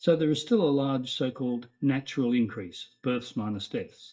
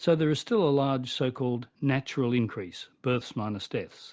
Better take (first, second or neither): second